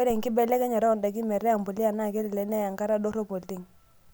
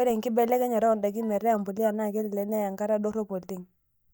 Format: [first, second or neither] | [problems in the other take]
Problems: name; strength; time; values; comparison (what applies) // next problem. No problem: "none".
first | noise reduction (neural mask model DeepFilterNet 3)